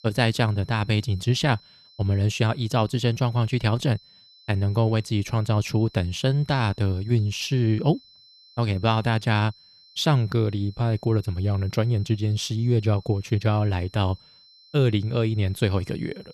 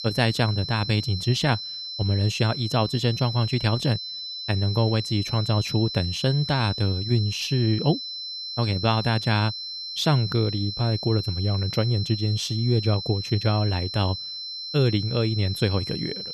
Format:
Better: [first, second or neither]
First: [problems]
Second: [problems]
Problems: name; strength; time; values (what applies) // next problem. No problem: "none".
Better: first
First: high-pitched whine; faint; throughout; 4 kHz, 25 dB below the speech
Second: high-pitched whine; loud; throughout; 4 kHz, 7 dB below the speech